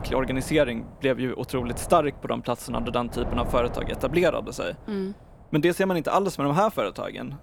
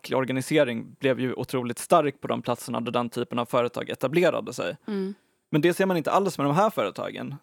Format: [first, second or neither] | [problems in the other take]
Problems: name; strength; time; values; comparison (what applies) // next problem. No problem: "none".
second | wind noise on the microphone; occasional gusts; 15 dB below the speech